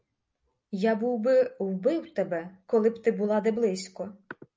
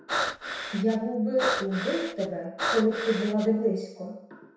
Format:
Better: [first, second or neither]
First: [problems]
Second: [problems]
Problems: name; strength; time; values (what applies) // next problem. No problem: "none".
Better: first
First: none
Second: background sound (Breathing); 4 dB below the speech // room echo; dies away in 0.7 s